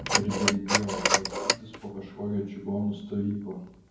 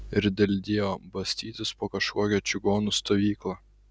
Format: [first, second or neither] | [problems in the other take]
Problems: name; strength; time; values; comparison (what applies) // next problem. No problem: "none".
second | background sound (Telephone); 1 dB above the speech // room echo; dies away in 0.9 s